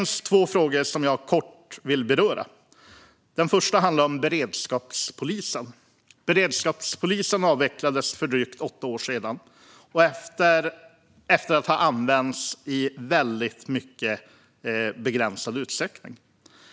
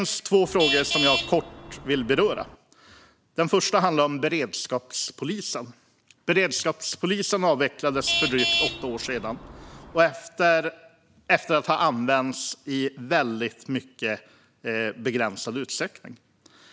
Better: first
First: none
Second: background sound (Traffic noise, roadway noise / Vehicle horn, car horn, honking); 3 dB below the speech

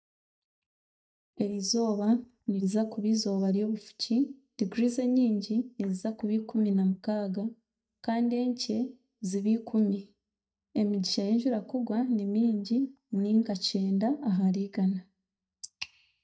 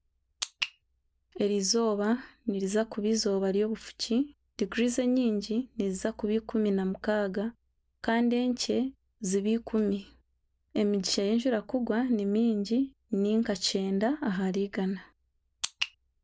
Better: second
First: noise reduction (neural mask model DeepFilterNet 3)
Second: none

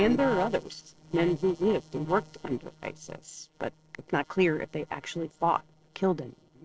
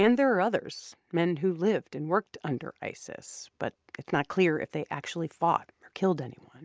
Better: second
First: noise reduction (neural separator model SepFormer DNS4)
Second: none

